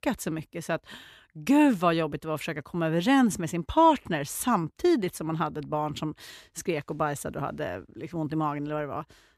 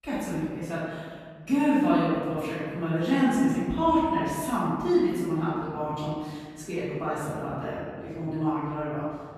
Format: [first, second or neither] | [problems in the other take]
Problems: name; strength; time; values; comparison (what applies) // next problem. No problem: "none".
first | room echo; strong; dies away in 1.7 s // off-mic speech; far